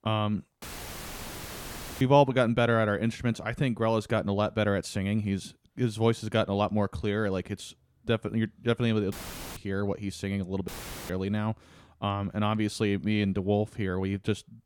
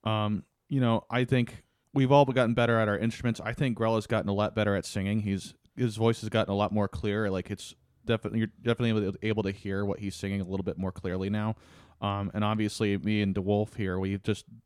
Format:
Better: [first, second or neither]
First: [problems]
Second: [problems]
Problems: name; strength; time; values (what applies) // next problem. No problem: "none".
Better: second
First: audio cutting out; filled with static; at 0.5 s for 1.5 s, at 9 s and at 11 s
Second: none